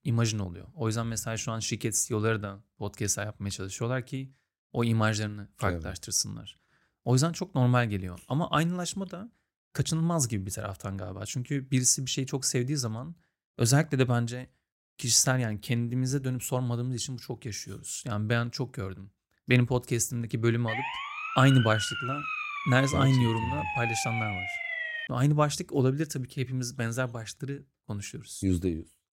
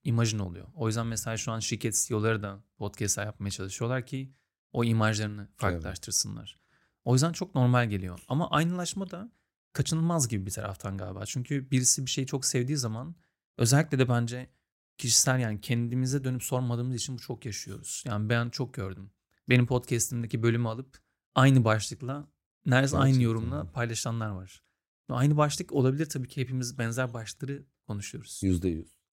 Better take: second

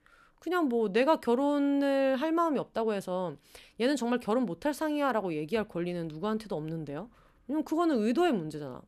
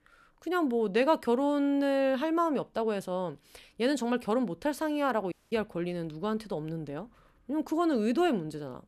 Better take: first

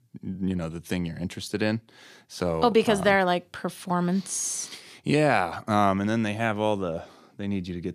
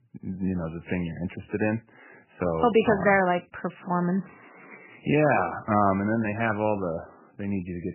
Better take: first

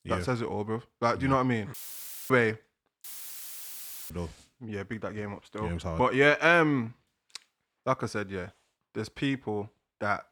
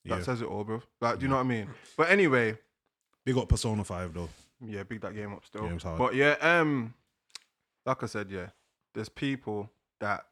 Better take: second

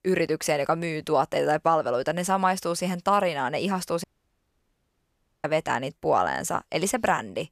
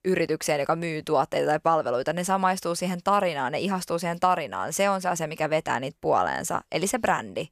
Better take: second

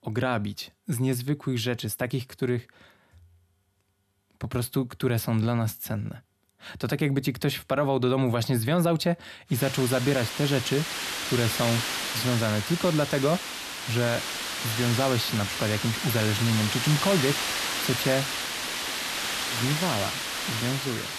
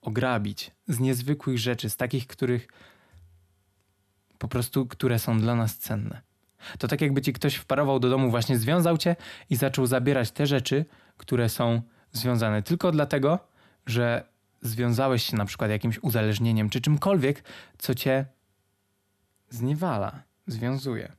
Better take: second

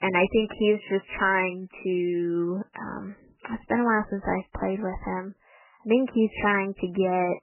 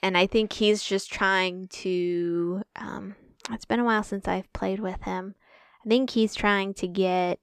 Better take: second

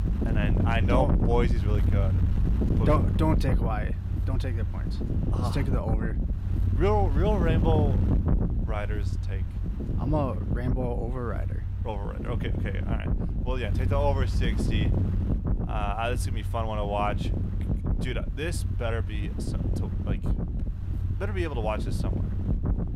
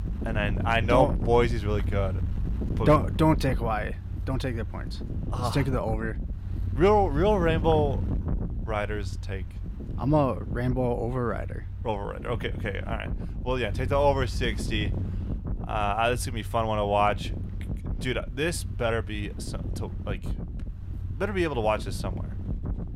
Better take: second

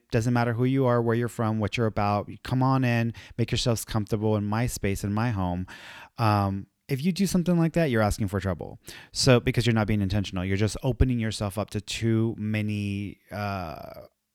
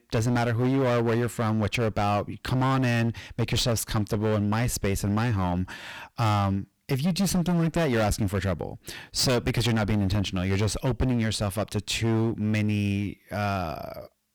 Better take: first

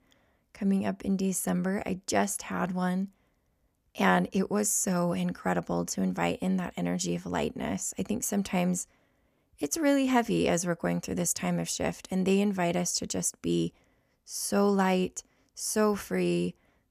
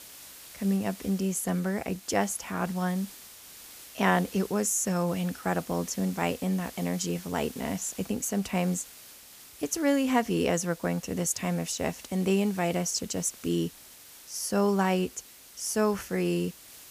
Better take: first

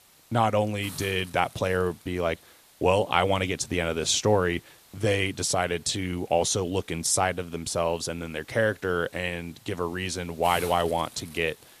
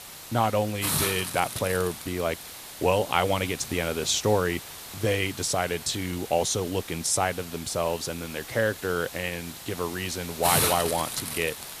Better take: first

